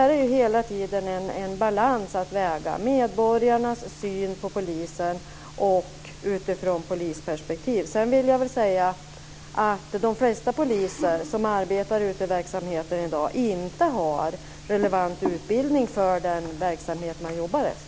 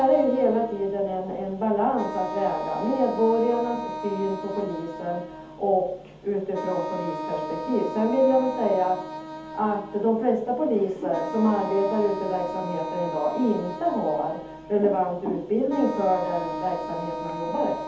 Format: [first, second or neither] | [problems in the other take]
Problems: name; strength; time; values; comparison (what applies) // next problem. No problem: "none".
first | background sound (Wind instrument, woodwind instrument); 10 dB below the speech // room echo; dies away in 0.6 s